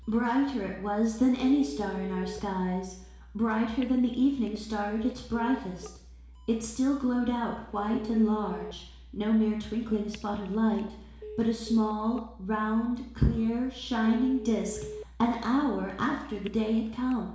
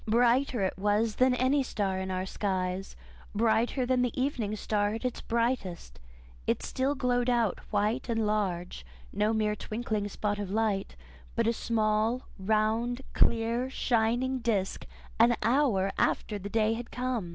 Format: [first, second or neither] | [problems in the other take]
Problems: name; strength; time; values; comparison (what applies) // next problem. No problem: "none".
second | background sound (Telephone); 17 dB below the speech // room echo; dies away in 0.7 s